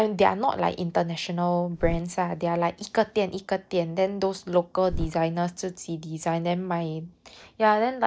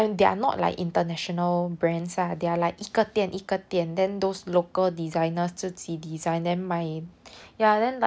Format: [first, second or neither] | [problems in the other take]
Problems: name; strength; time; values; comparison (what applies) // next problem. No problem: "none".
second | noise reduction (neural mask model DeepFilterNet 3)